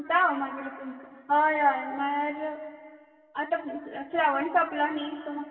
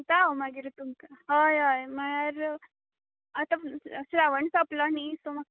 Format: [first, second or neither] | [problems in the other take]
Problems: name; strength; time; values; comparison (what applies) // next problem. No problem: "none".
second | room echo; dies away in 2.2 s